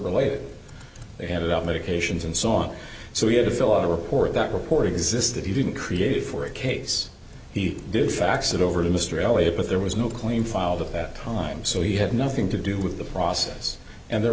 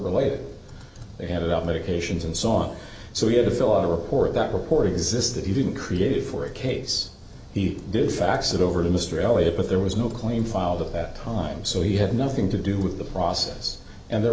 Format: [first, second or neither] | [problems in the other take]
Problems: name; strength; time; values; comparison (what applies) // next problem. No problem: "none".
first | room echo; dies away in 0.5 s